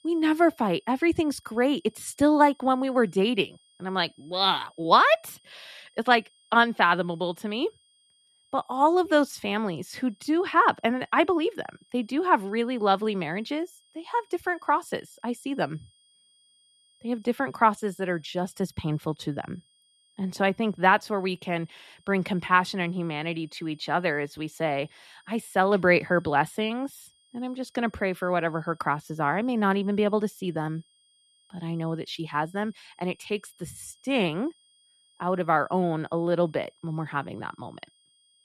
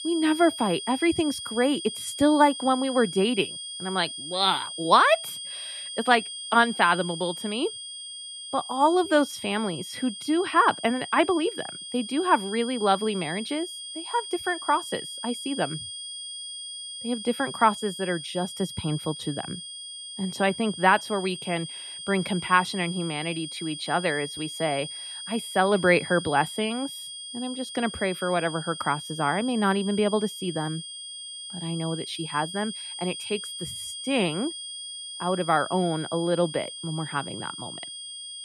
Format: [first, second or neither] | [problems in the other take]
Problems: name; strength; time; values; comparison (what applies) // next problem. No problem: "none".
first | high-pitched whine; loud; throughout; 3.5 kHz, 9 dB below the speech; faint in the first